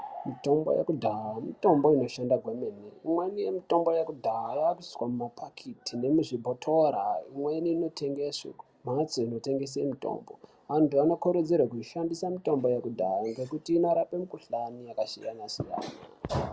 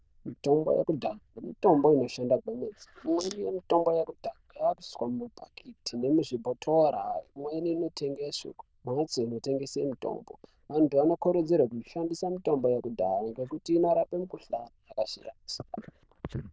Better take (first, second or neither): first